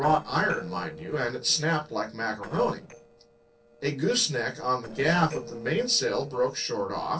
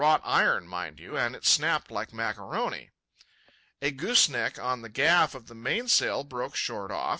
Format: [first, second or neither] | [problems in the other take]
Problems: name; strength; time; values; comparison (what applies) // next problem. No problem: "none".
second | noise reduction (neural separator model SepFormer DNS4)